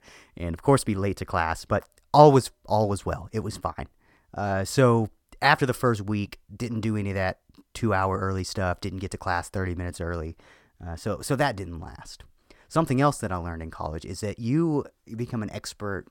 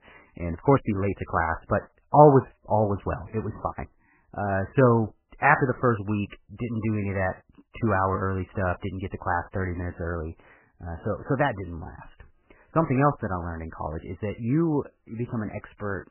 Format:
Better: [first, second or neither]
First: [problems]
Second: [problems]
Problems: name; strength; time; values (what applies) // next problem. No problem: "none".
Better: first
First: none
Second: garbled, watery; badly; nothing above 2.5 kHz